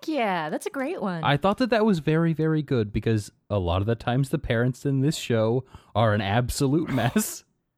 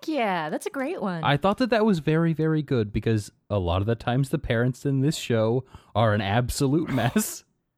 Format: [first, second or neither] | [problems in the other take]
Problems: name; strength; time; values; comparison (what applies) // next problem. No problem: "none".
neither | none